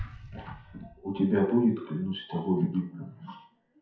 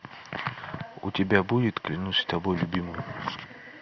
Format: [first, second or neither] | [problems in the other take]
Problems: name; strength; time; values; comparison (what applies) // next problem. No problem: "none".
second | noise reduction (classical method WPE with log-MMSE)